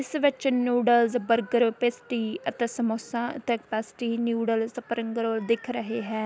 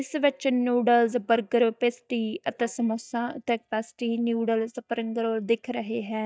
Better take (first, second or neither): first